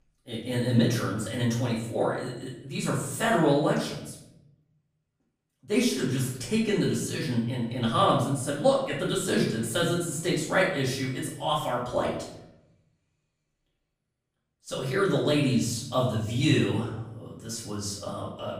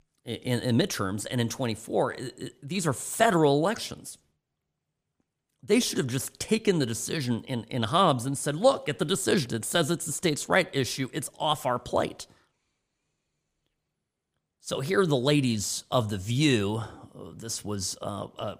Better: second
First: off-mic speech; far // room echo; noticeable; dies away in 0.7 s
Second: none

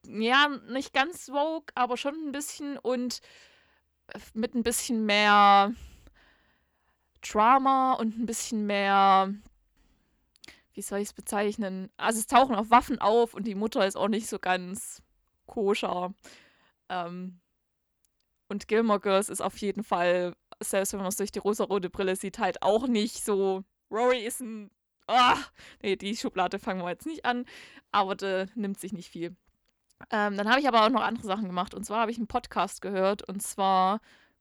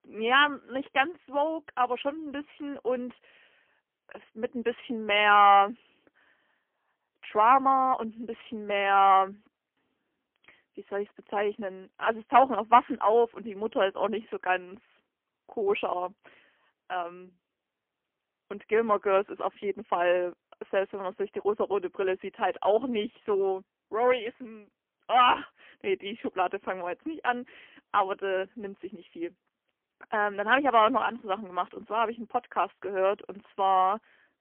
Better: first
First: none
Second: phone-call audio; poor line; nothing above 3 kHz

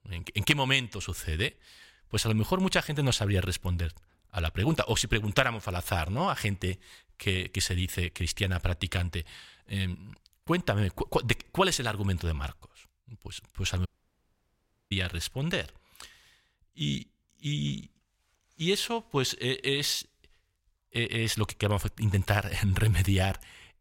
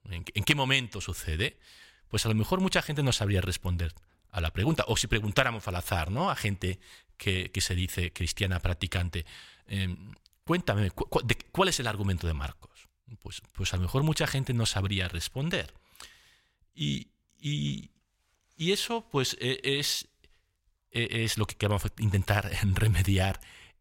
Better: second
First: audio cutting out; at 14 s for 1 s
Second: none

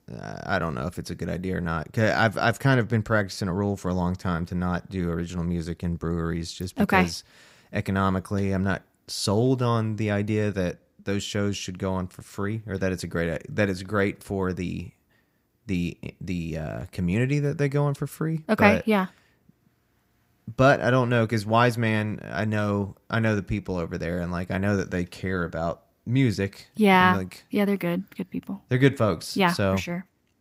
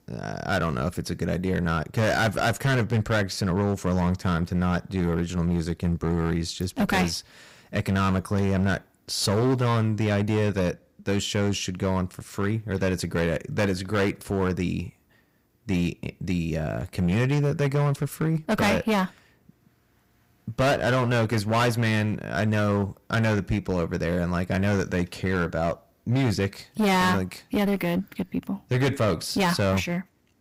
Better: first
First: none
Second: distortion; heavy; 13% of the sound clipped

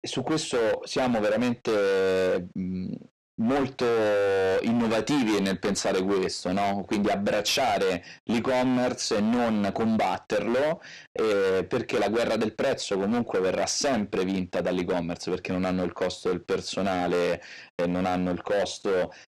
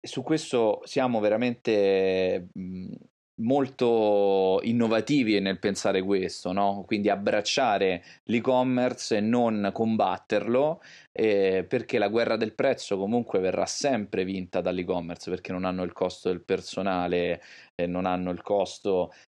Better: second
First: distortion; heavy; 25% of the sound clipped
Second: none

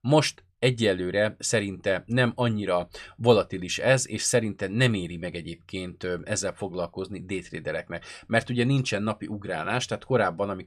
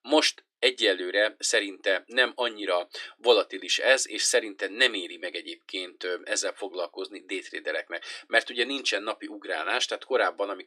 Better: first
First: none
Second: thin; very; fading below 300 Hz

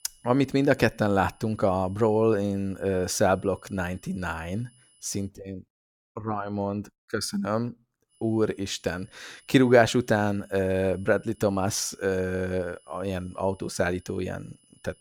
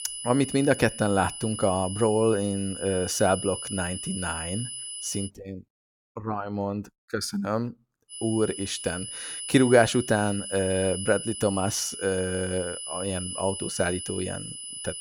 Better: first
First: high-pitched whine; faint; until 5.5 s and from 8 s on; 10 kHz, 30 dB below the speech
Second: high-pitched whine; loud; until 5.5 s and from 8 s on; 10 kHz, 7 dB below the speech

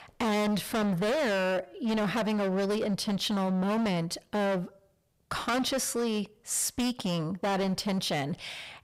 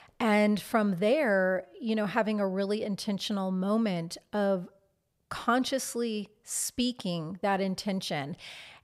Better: second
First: distortion; heavy; 27% of the sound clipped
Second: none

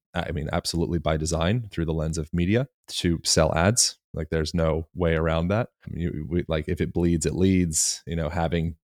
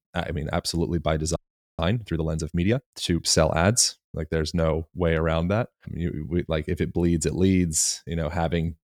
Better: first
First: none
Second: audio freezing; at 1.5 s

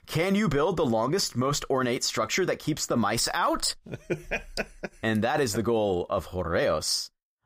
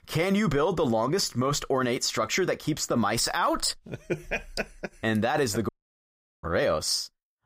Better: first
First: none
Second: audio cutting out; at 5.5 s for 0.5 s

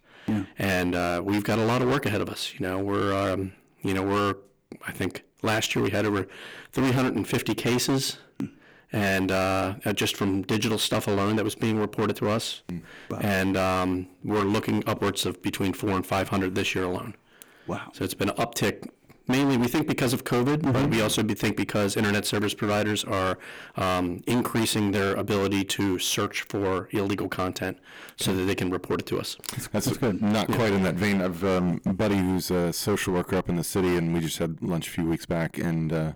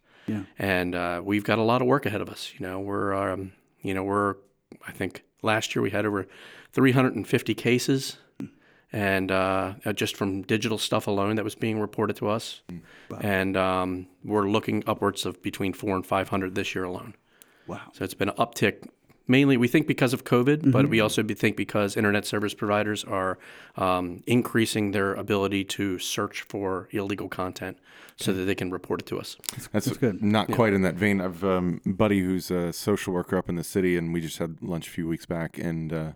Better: second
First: distortion; heavy; 17% of the sound clipped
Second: none

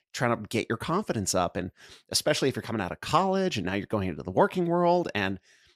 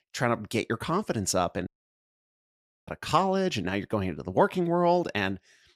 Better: first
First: none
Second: audio cutting out; at 1.5 s for 1 s

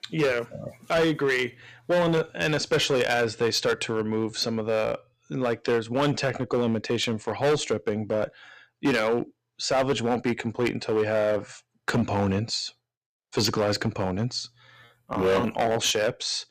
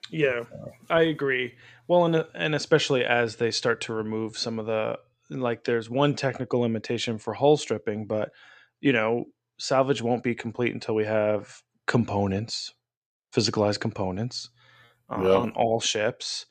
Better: second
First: distortion; heavy; 8% of the sound clipped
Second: none

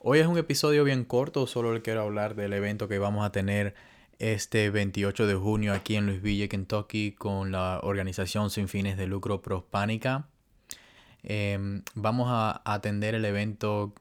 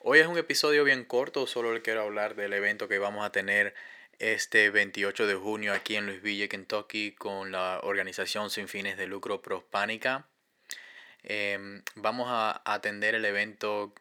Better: first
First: none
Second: thin; very; fading below 400 Hz

